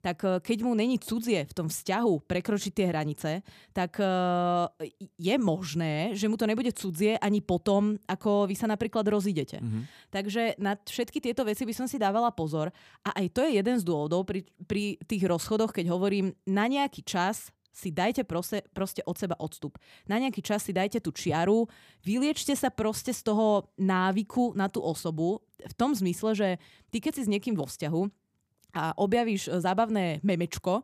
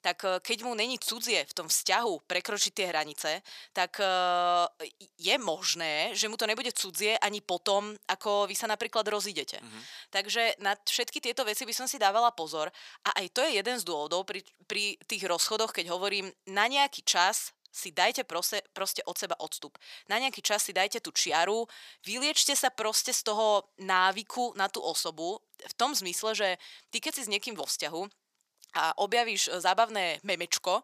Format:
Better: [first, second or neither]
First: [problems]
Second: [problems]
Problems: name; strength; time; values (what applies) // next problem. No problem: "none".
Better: first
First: none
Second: thin; very; fading below 750 Hz